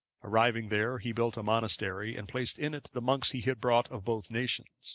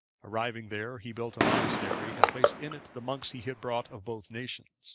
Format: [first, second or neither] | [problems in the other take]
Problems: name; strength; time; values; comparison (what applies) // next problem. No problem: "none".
first | background sound (Crushing + Fireworks); 4 dB above the speech